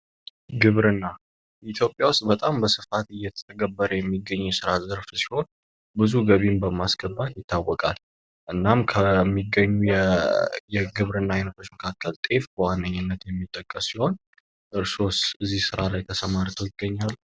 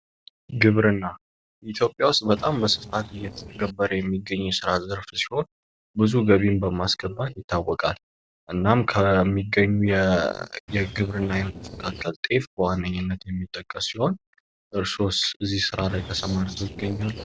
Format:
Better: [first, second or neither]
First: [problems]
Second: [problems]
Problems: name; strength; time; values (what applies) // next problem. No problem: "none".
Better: first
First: none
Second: noise reduction (neural separator model SepFormer DNS4)